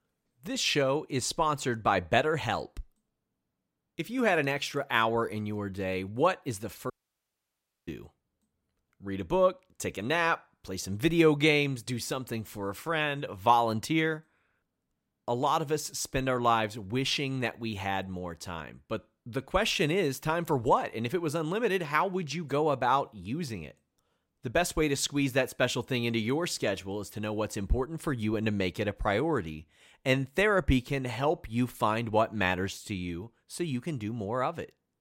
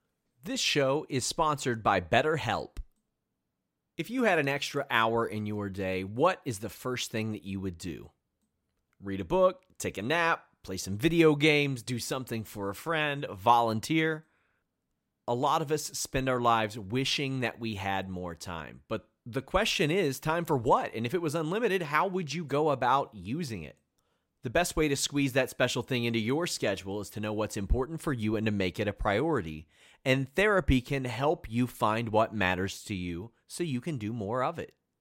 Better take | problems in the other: second | audio cutting out; at 7 s for 1 s

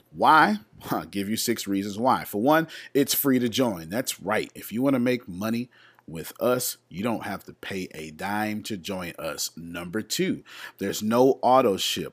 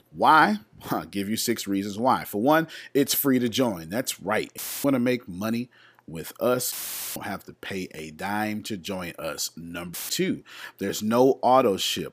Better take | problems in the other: first | audio cutting out; filled with static; at 4.5 s, at 6.5 s and at 10 s

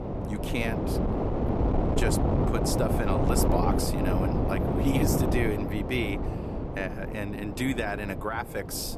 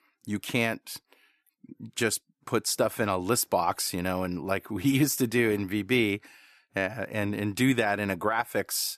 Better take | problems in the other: second | wind noise on the microphone; heavy; as loud as the speech

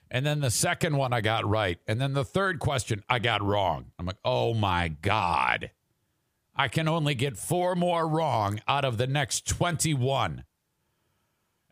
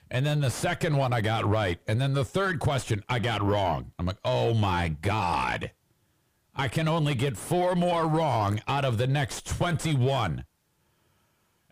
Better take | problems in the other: first | distortion; heavy; 7 dB below the speech

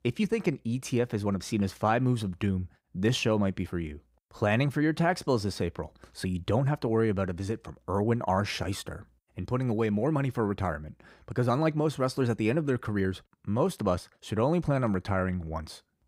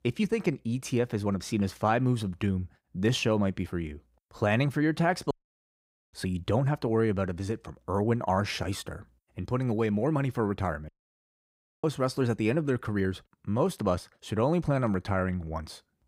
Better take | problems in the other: first | audio cutting out; at 5.5 s for 1 s and at 11 s for 1 s

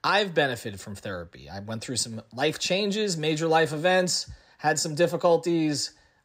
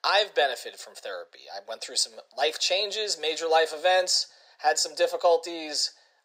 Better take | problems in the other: first | thin; very; fading below 450 Hz

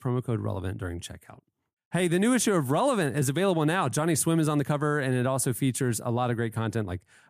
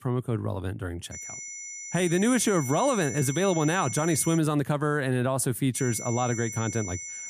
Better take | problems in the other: first | high-pitched whine; loud; from 1 to 4.5 s and from 6 s on; 6 kHz, 9 dB below the speech

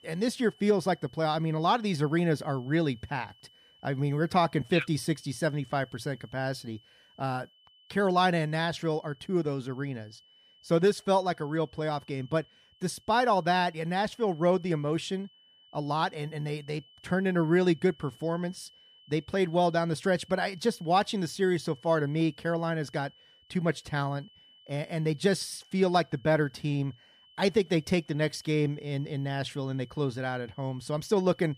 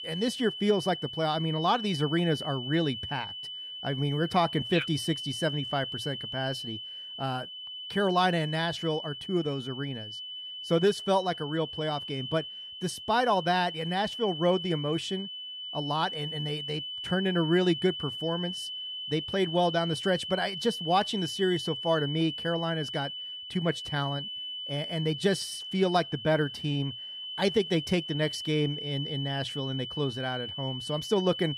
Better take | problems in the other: first | high-pitched whine; loud; throughout; 3 kHz, 6 dB below the speech; faint in the first

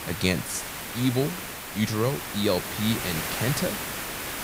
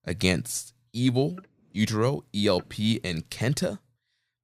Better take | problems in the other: second | hiss; loud; throughout; 4 dB below the speech

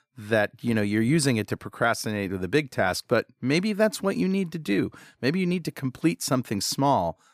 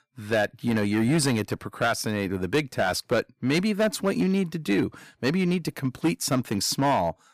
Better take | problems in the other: first | distortion; slight; 6% of the sound clipped

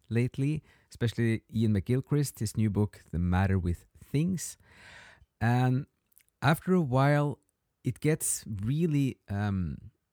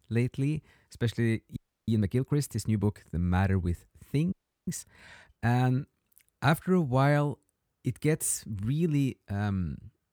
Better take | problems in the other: first | audio freezing; at 1.5 s and at 4.5 s

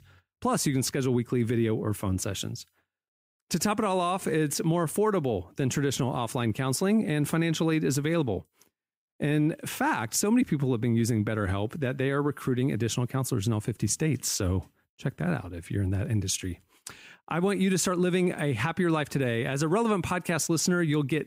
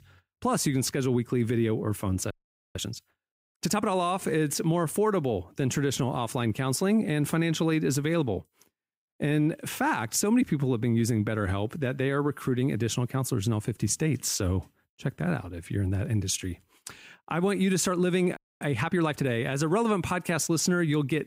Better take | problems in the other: first | audio freezing; at 2.5 s and at 18 s

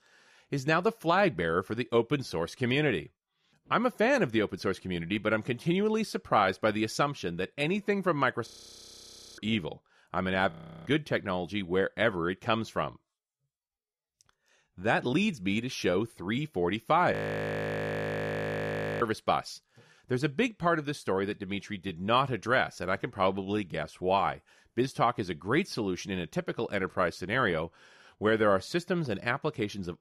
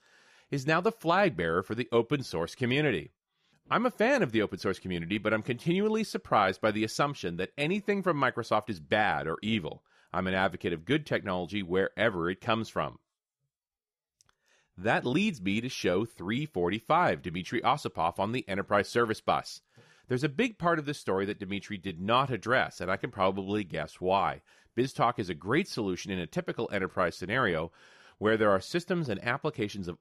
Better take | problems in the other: second | audio freezing; at 8.5 s for 1 s, at 11 s and at 17 s for 2 s

